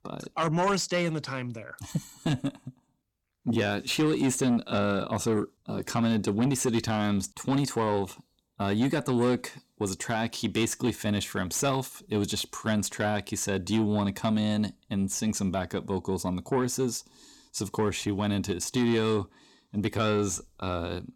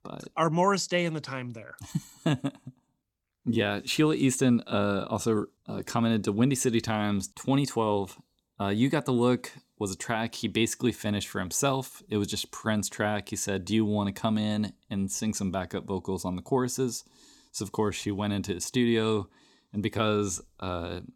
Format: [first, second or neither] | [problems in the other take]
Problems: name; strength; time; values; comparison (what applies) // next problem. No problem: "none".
second | distortion; slight; 10 dB below the speech